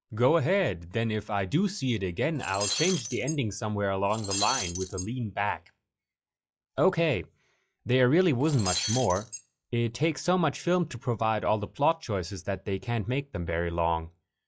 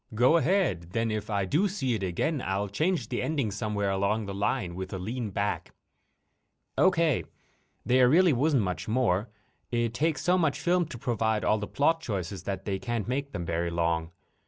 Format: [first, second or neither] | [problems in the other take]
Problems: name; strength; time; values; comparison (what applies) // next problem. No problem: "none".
second | noise reduction (classical method log-MMSE)